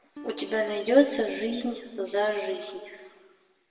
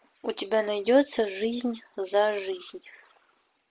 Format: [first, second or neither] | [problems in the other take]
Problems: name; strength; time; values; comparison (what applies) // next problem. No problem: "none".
second | background sound (Acoustic guitar); 18 dB below the speech // room echo; dies away in 1.6 s